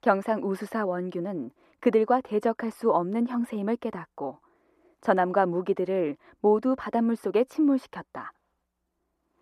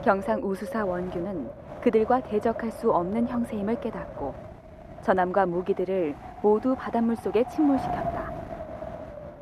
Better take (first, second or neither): first